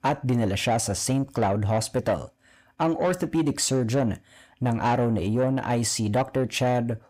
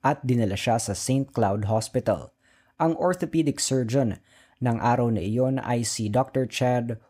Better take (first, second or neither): second